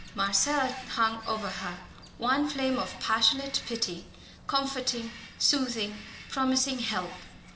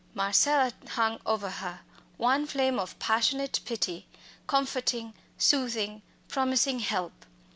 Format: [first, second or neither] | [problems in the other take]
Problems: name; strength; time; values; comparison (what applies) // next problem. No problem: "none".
second | background sound (Bird vocalization, bird call, bird song); 16 dB below the speech // room echo; dies away in 1.4 s